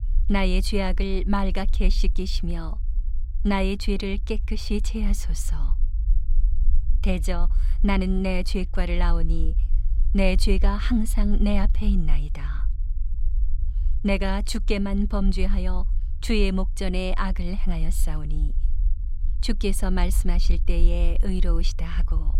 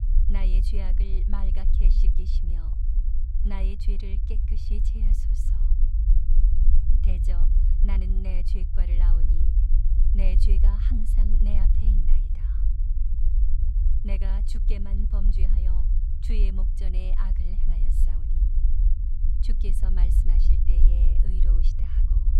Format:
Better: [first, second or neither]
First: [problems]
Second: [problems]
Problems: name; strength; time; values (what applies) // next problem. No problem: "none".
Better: first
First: low rumble; faint; throughout; 20 dB below the speech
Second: low rumble; loud; throughout; 2 dB below the speech